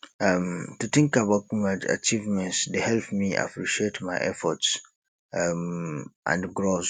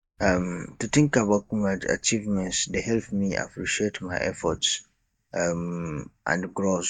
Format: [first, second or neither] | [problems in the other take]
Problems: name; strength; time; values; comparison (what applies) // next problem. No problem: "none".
first | noise reduction (neural mask model DeepFilterNet 3)